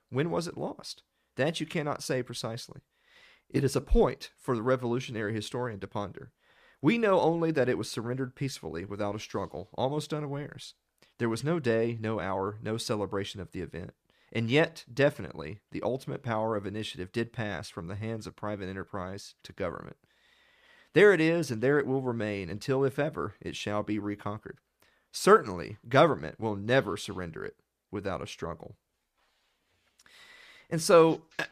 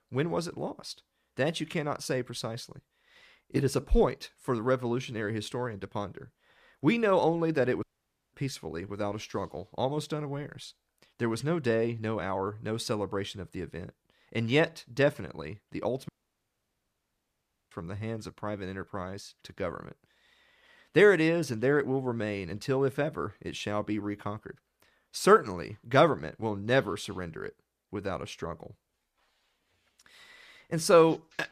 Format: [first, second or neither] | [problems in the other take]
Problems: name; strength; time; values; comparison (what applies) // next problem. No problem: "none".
first | audio cutting out; at 8 s for 0.5 s and at 16 s for 1.5 s